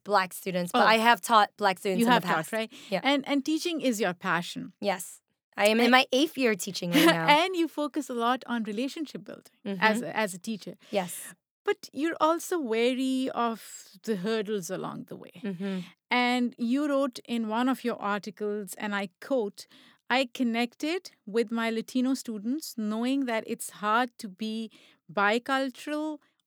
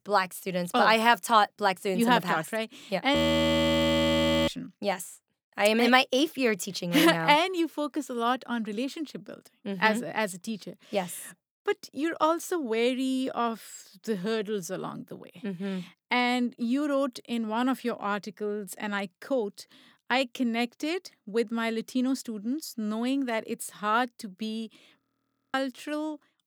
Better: first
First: none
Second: audio freezing; at 3 s for 1.5 s and at 25 s for 0.5 s

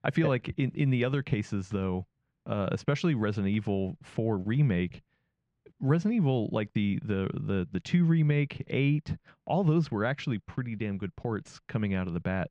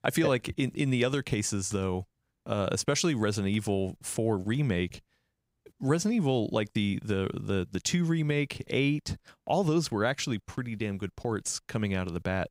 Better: second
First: muffled; slightly; fading above 2.5 kHz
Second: none

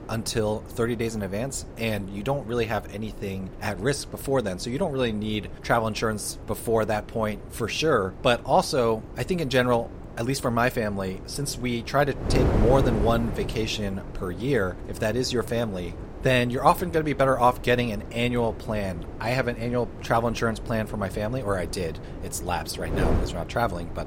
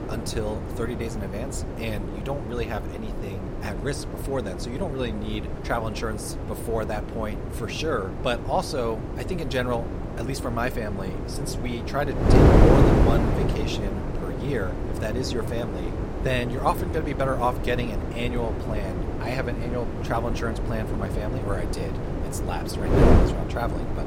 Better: first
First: wind noise on the microphone; occasional gusts; 15 dB below the speech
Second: wind noise on the microphone; heavy; 1 dB below the speech

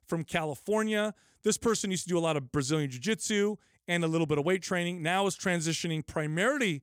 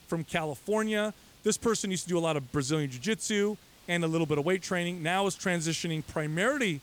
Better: first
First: none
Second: hiss; faint; throughout; 25 dB below the speech

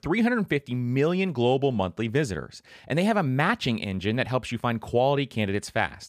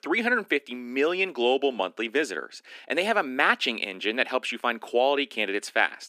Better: first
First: none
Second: thin; somewhat; fading below 250 Hz

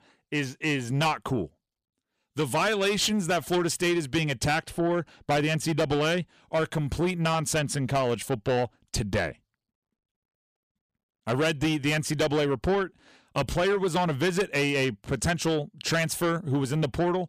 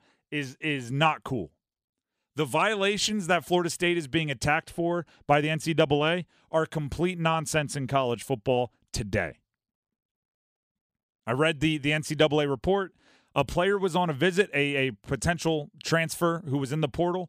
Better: second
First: distortion; heavy; 8 dB below the speech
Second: none

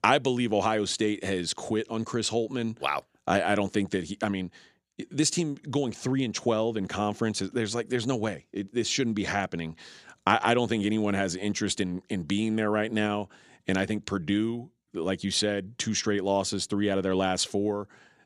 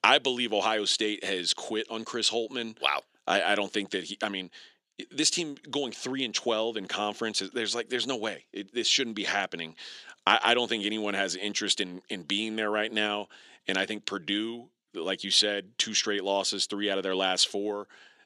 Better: first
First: none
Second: thin; very slightly; fading below 300 Hz

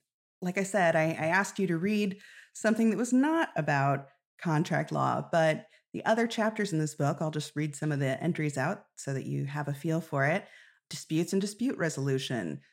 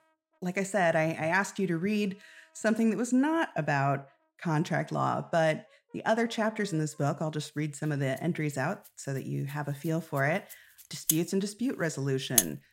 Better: first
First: none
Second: background music; very loud; throughout; 2 dB above the speech

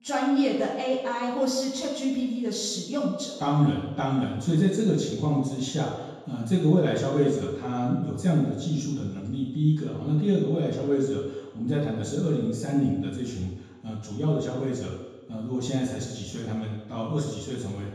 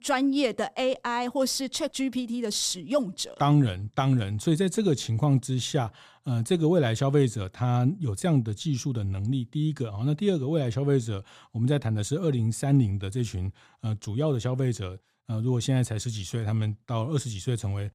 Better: second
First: room echo; noticeable; dies away in 1.1 s // off-mic speech; far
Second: none

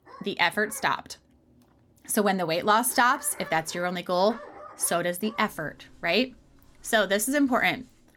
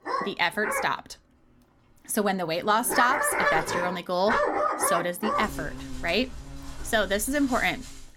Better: first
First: animal sounds; faint; throughout; 20 dB below the speech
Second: animal sounds; loud; throughout; 2 dB below the speech

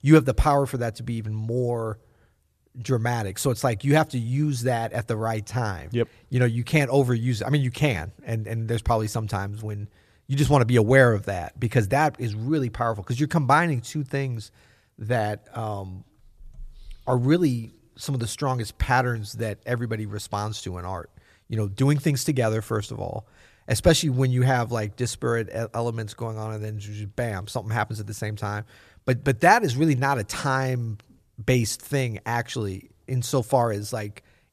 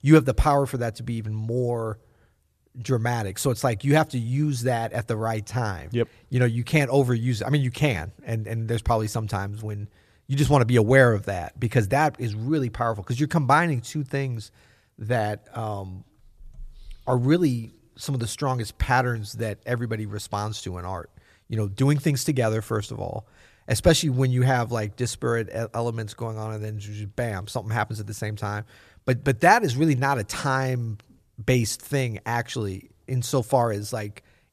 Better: neither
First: none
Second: none

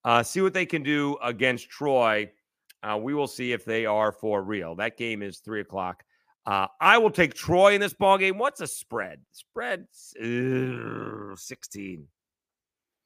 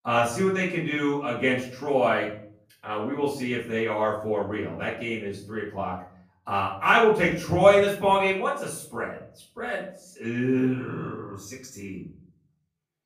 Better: first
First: none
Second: off-mic speech; far // room echo; noticeable; dies away in 0.5 s

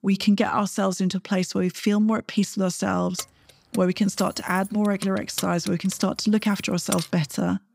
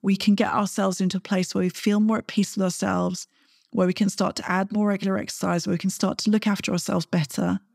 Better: second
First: jangling keys; noticeable; from 3 to 7 s; peak 7 dB below the speech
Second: none

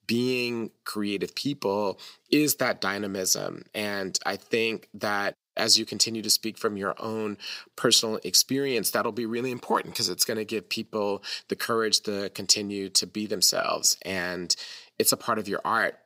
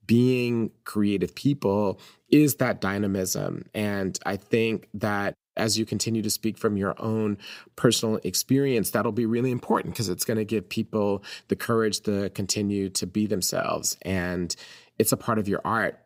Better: second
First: thin; very slightly; fading below 550 Hz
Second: none

